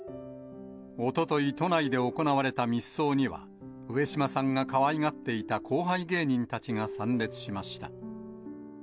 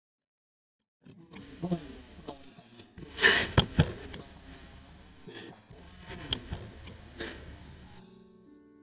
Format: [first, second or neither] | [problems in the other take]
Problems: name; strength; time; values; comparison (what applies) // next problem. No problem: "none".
first | noise reduction (neural mask model DeepFilterNet 3)